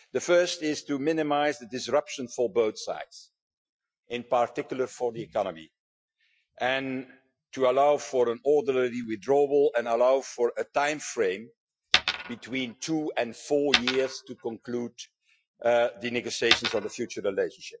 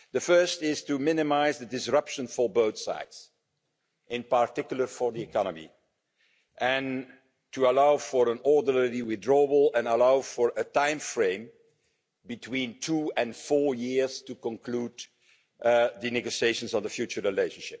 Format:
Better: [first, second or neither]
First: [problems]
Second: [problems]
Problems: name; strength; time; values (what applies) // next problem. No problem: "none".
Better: second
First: noise reduction (classical method Wiener filter)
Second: none